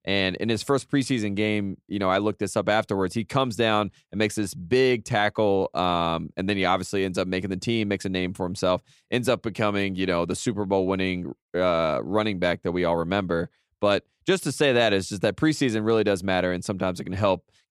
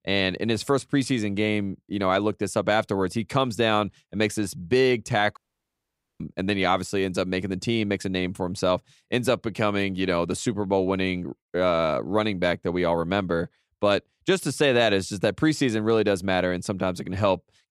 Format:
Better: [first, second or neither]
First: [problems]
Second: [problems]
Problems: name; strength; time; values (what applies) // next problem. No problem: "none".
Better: first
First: none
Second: audio cutting out; at 5.5 s for 1 s